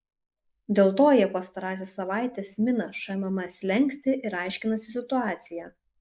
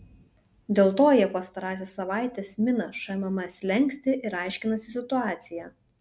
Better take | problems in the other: second | noise reduction (neural mask model Resemble Enhance denoiser)

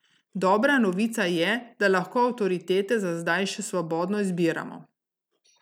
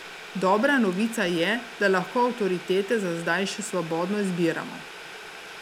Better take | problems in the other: first | background sound (Boiling); 15 dB below the speech

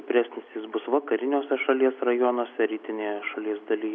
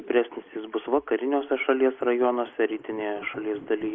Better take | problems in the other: first | noise reduction (neural mask model Resemble Enhance denoiser)

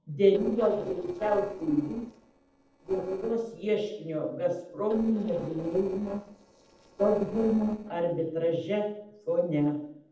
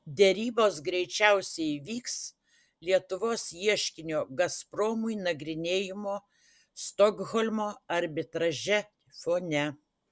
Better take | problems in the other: second | noise reduction (neural separator model SepFormer DNS4)

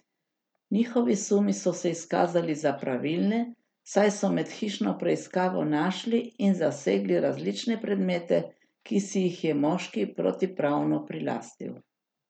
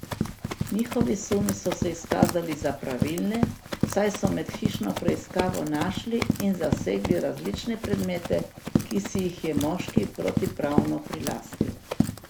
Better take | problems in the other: first | background sound (Run); 1 dB below the speech

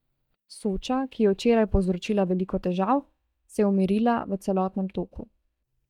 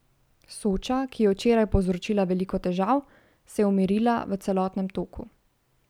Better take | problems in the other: second | noise reduction (neural mask model DeepFilterNet 3)

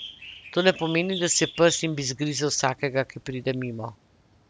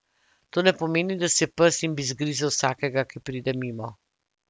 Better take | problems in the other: second | background sound (Bird); 16 dB below the speech

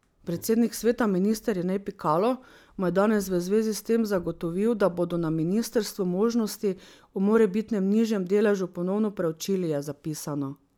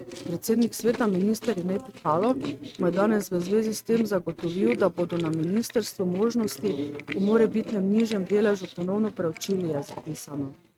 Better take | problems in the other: first | noise reduction (neural mask model RNNoise)

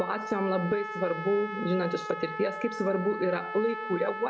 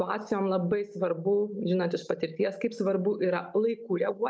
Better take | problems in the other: second | background sound (Trumpet); 8 dB below the speech

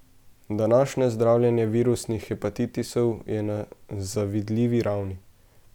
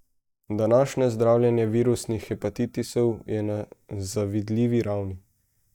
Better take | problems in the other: first | noise reduction (neural mask model DeepFilterNet 3)

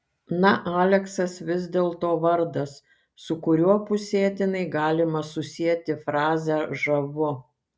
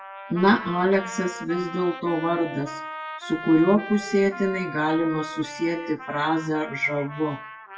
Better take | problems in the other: first | noise reduction (classical method WPE with log-MMSE)

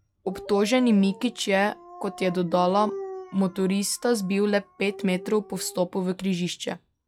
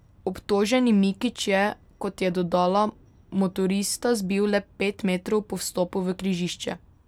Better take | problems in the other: second | noise reduction (classical method log-MMSE)

